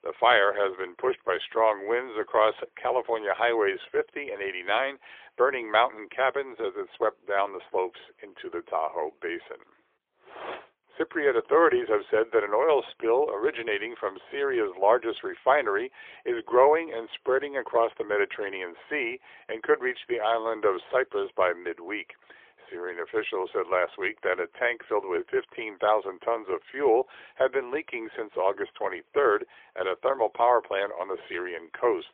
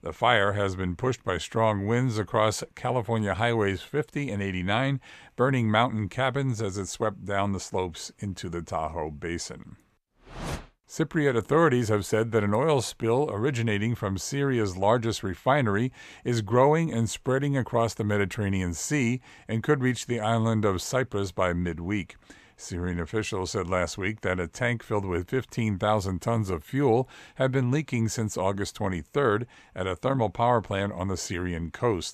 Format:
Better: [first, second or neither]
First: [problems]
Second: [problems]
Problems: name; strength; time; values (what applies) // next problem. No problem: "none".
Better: second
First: phone-call audio; poor line; nothing above 3.5 kHz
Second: none